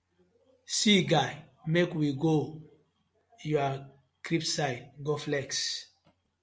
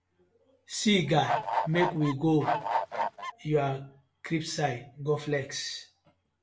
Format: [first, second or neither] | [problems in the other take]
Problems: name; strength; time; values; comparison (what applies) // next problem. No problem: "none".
first | background sound (Bird / Fowl); as loud as the speech // room echo; dies away in 0.2 s